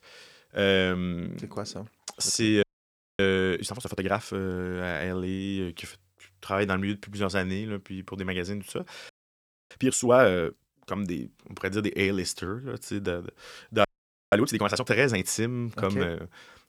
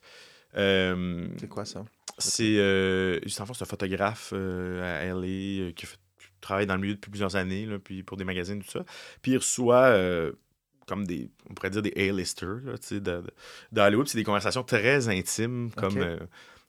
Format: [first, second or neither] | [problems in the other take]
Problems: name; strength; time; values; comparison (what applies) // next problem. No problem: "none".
second | audio freezing; at 2.5 s for 0.5 s, at 9 s for 0.5 s and at 14 s